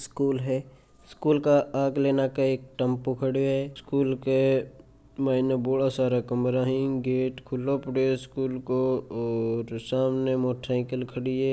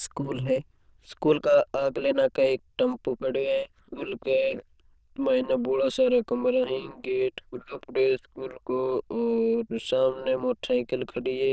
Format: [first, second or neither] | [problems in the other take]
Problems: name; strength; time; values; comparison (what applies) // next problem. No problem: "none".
first | noise reduction (neural diffusion model UNIVERSE++)